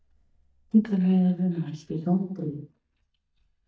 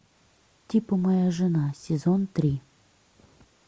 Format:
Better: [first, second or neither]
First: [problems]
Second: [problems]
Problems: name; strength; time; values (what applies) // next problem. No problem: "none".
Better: second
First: noise reduction (neural mask model DeepFilterNet 3)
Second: none